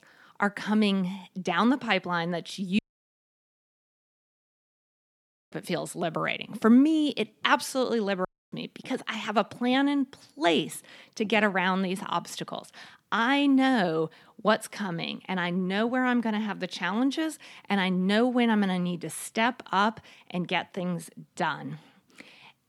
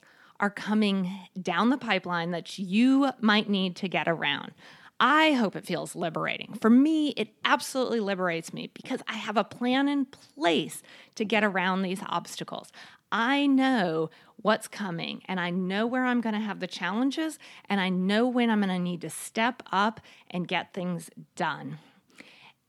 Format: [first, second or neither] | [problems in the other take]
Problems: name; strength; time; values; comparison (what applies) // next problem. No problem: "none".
second | audio cutting out; at 3 s for 2.5 s and at 8.5 s